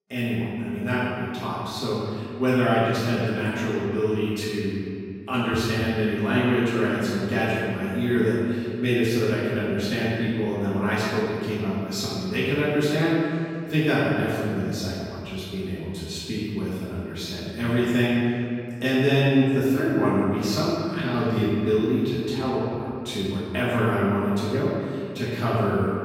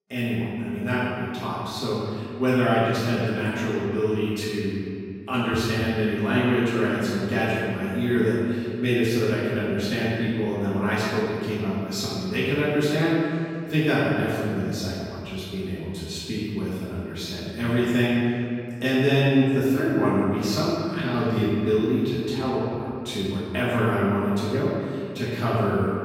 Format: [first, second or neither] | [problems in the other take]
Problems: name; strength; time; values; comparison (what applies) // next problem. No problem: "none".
neither | off-mic speech; far; the same in both // room echo; strong; dies away in 2.1 s; the same in both